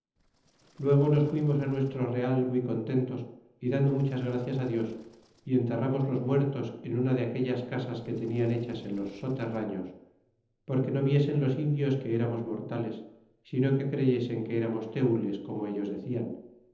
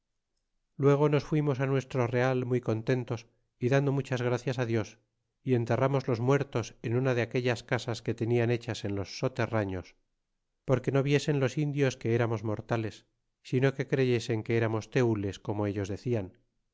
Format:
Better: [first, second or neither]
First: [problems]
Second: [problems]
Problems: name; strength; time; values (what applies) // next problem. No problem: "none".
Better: second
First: noise reduction (neural separator model SepFormer DNS4)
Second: none